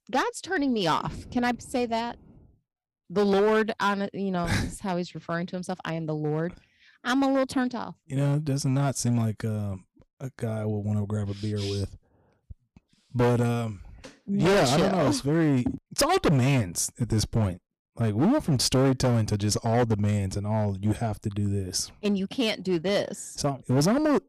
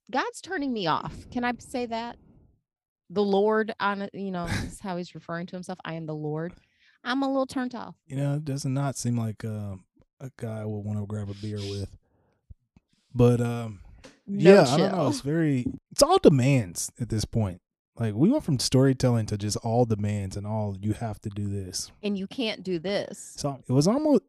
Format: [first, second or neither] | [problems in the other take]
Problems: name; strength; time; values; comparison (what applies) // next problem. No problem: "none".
second | distortion; heavy; 8% of the sound clipped